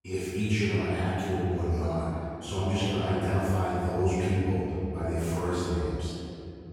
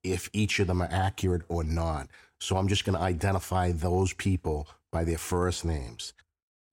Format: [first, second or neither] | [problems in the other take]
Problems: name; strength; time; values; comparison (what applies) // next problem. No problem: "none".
second | room echo; strong; dies away in 2.6 s // off-mic speech; far